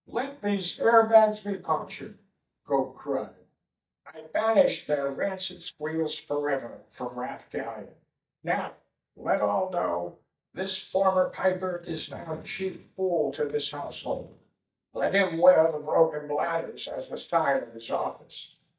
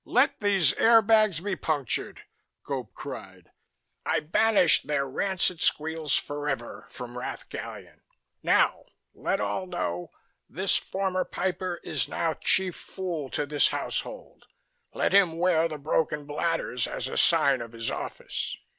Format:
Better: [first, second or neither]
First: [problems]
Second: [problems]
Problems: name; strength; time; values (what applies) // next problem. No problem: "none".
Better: second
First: noise reduction (neural mask model DeepFilterNet 3)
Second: none